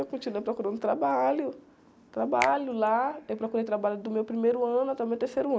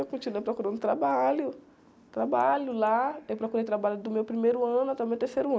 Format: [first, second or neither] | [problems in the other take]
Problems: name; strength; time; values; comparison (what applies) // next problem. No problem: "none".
second | background sound (Finger snapping); 14 dB below the speech